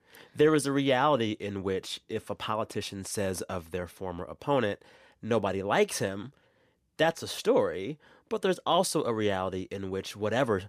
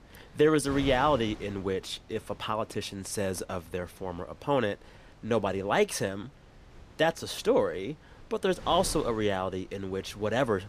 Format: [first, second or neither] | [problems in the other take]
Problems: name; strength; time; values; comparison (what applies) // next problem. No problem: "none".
first | wind noise on the microphone; occasional gusts; 20 dB below the speech